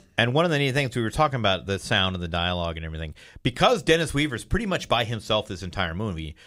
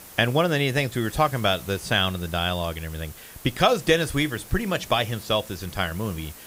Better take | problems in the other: first | hiss; noticeable; throughout; 20 dB below the speech

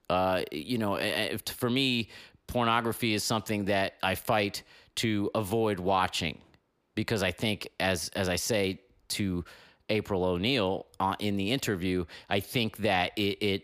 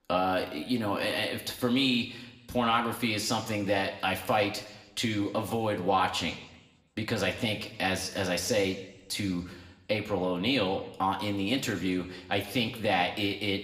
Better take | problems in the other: first | room echo; very slight; dies away in 0.8 s

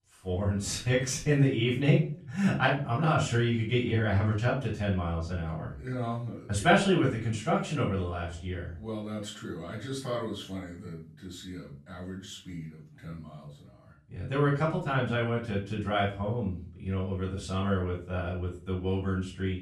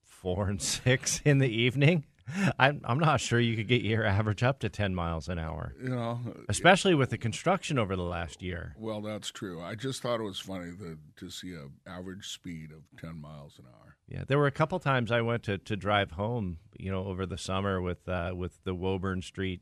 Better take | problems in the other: second | off-mic speech; far // room echo; slight; dies away in 0.3 s

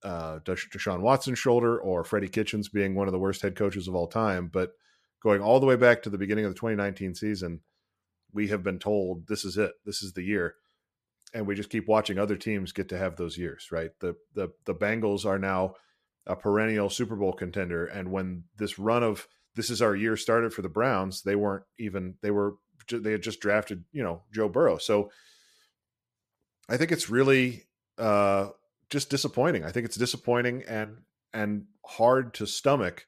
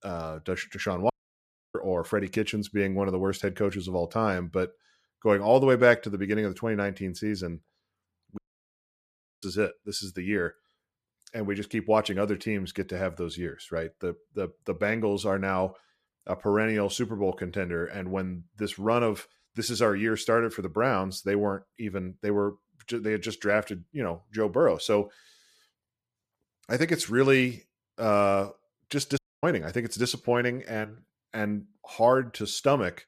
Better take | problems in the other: first | audio cutting out; at 1 s for 0.5 s, at 8.5 s for 1 s and at 29 s

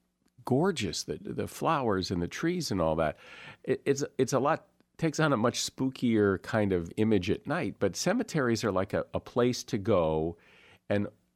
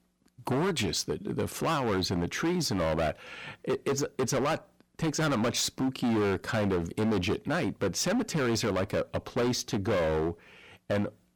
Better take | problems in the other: first | distortion; heavy; 19% of the sound clipped

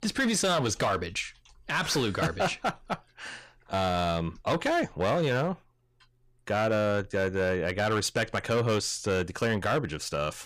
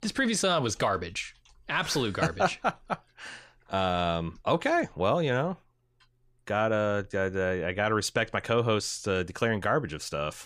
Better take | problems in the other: second | distortion; slight; 8% of the sound clipped

